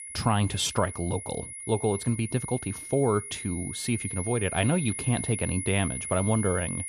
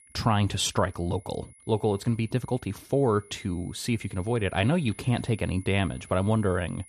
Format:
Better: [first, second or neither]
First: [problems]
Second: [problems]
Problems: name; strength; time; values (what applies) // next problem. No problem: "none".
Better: second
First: high-pitched whine; loud; throughout; 10.5 kHz, 7 dB below the speech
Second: high-pitched whine; faint; throughout; 10.5 kHz, 25 dB below the speech